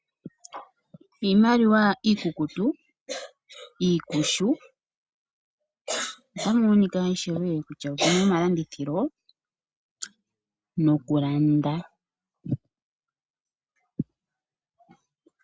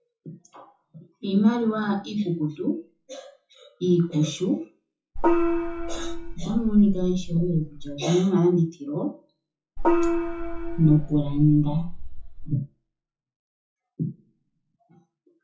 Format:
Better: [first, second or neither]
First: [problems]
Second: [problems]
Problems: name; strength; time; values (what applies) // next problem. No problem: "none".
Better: first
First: none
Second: noise reduction (classical method WPE with log-MMSE)